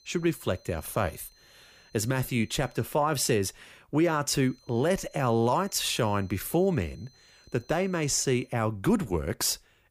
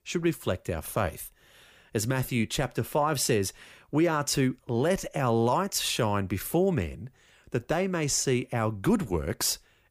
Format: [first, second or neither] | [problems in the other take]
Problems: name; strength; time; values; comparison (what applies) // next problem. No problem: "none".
second | high-pitched whine; faint; until 3 s and from 4.5 to 8.5 s; 4 kHz, 30 dB below the speech